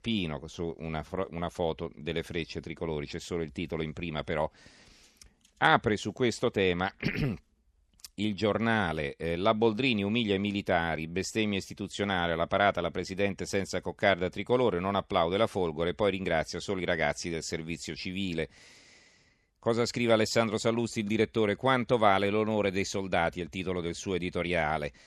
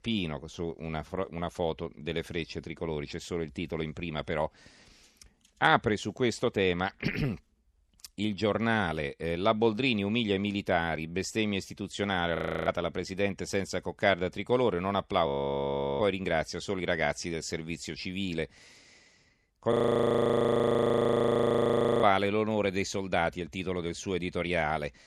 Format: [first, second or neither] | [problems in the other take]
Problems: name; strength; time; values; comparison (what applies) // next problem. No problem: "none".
first | audio freezing; at 12 s, at 15 s for 0.5 s and at 20 s for 2.5 s